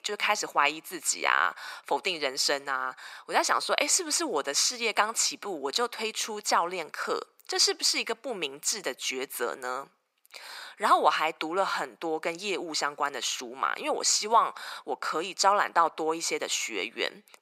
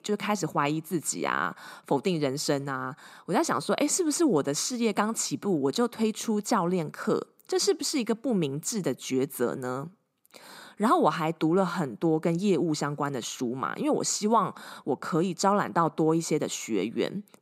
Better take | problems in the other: second | thin; very; fading below 700 Hz

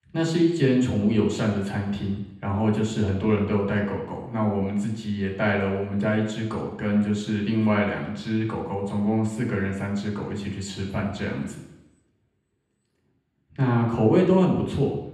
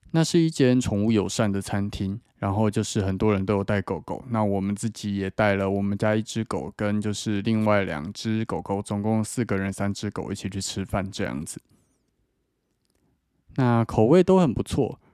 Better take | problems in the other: second | room echo; noticeable; dies away in 0.9 s // off-mic speech; far

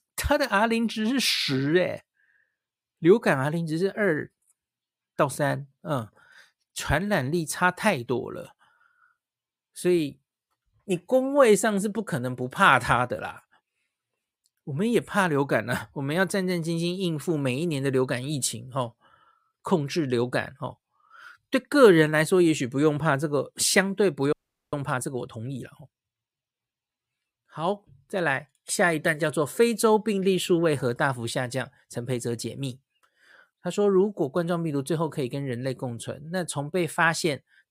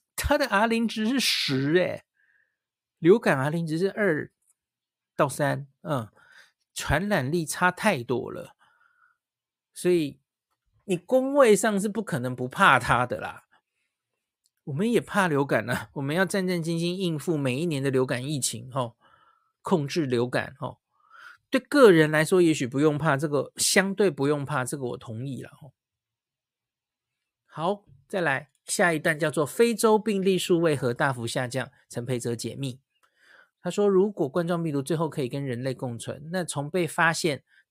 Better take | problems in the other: second | audio freezing; at 24 s

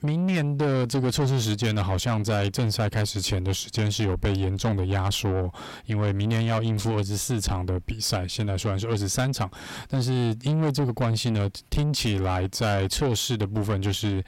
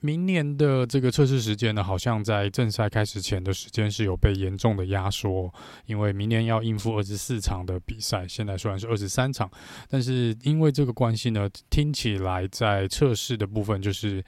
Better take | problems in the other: second | distortion; heavy; 8 dB below the speech

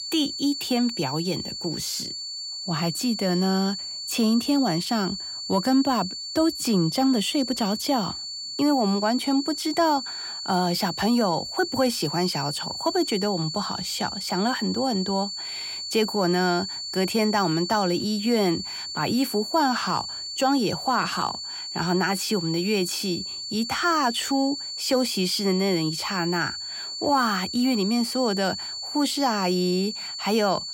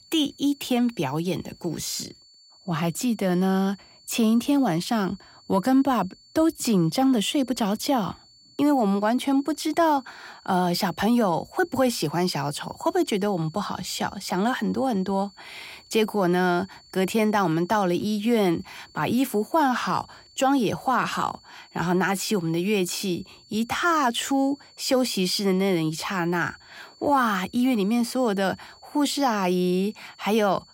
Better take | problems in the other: second | high-pitched whine; loud; throughout; 4.5 kHz, 6 dB below the speech; faint in the second

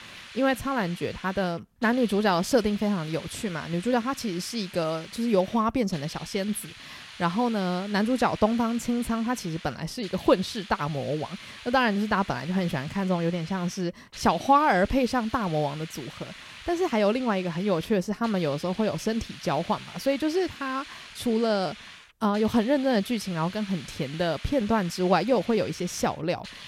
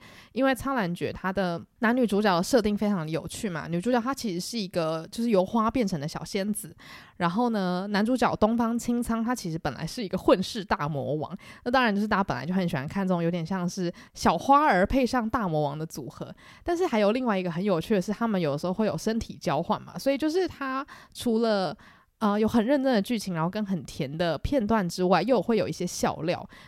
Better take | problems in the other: second | hiss; noticeable; throughout; 15 dB below the speech

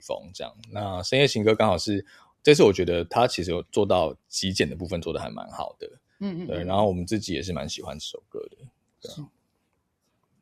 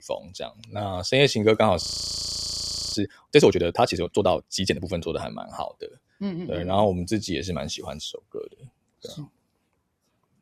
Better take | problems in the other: first | audio freezing; at 2 s for 1 s

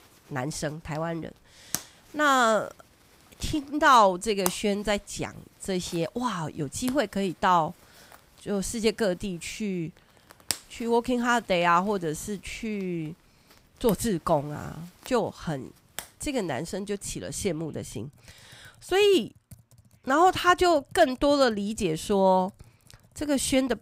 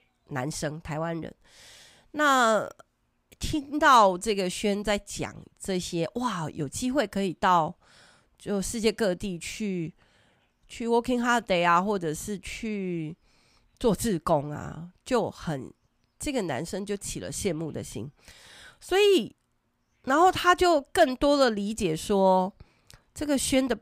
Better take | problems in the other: second | household noises; noticeable; throughout; 15 dB below the speech

